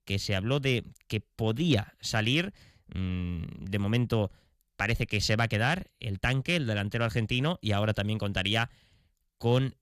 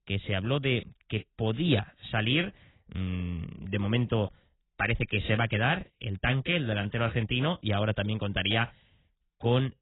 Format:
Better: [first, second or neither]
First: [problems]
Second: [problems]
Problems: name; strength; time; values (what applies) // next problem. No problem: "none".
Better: first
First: none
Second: garbled, watery; badly; nothing above 4 kHz